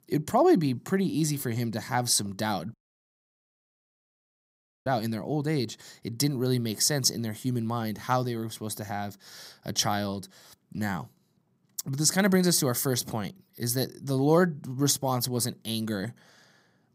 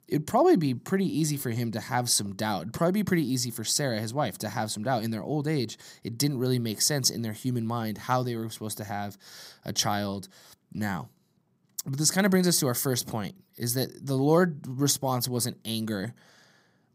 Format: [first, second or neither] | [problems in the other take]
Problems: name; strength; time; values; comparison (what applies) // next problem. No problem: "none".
second | audio cutting out; at 2.5 s for 2 s